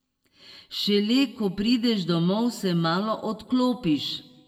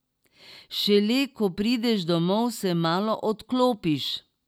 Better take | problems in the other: second | room echo; dies away in 0.9 s

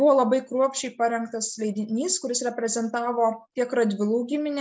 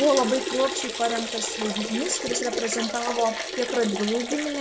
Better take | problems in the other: first | background sound (Liquid); 4 dB below the speech

